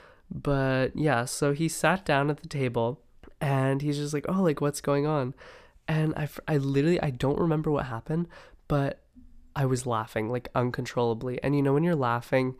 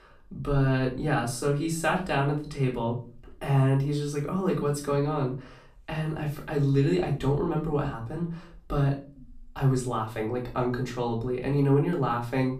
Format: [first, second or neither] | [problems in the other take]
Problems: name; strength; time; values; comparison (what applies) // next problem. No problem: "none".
first | off-mic speech; far // room echo; slight; dies away in 0.3 s